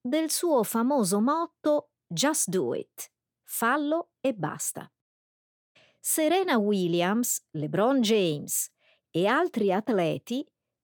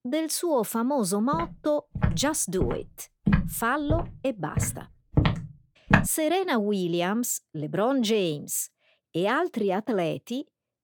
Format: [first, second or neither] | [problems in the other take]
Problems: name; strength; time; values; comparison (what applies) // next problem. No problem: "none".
first | footsteps; loud; from 1.5 to 6 s; peak 4 dB above the speech